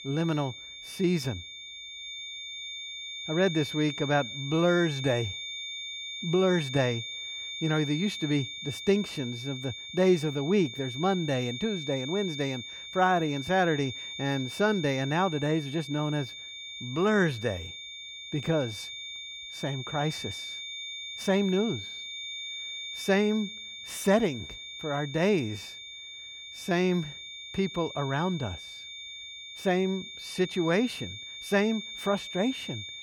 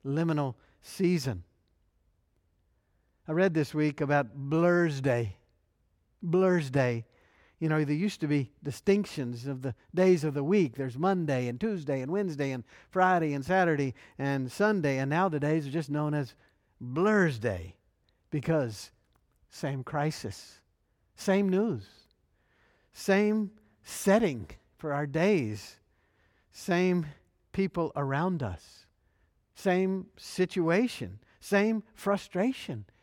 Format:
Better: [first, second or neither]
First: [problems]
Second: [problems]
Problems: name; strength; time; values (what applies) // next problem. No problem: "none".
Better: second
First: high-pitched whine; loud; throughout; 3.5 kHz, 9 dB below the speech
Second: none